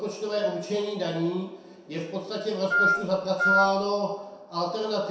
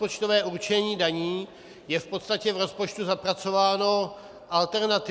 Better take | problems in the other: second | background sound (Wind instrument, woodwind instrument); 3 dB above the speech // room echo; dies away in 0.7 s

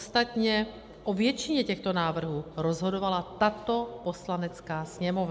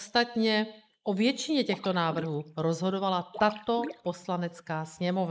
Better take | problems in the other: first | noise reduction (neural mask model Resemble Enhance denoiser)

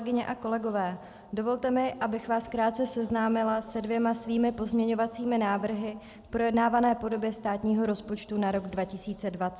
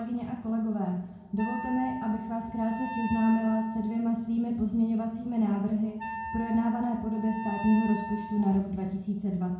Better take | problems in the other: first | background sound (Wind instrument, woodwind instrument); 10 dB below the speech // room echo; dies away in 0.6 s

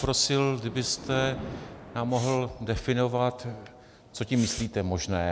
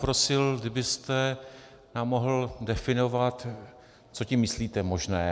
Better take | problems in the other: second | background sound (Respiratory sounds + Thunder); 14 dB below the speech

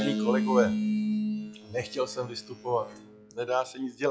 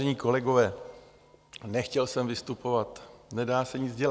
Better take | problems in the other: second | noise reduction (classical method log-MMSE)

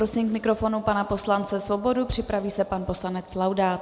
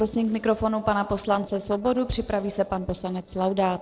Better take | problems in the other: first | noise reduction (neural separator model SepFormer DNS4)

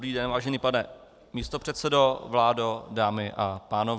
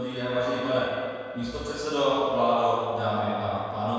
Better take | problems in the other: first | background sound (Wind instrument, woodwind instrument); 19 dB below the speech // room echo; dies away in 1.9 s

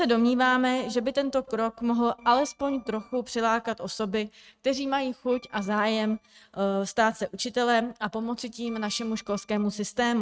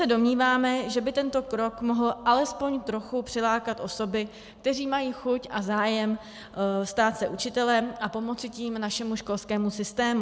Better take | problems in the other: second | noise reduction (neural mask model RNNoise)

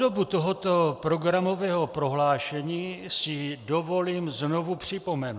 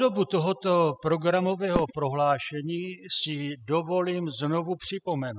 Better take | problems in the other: first | noise reduction (classical method spectral subtraction)

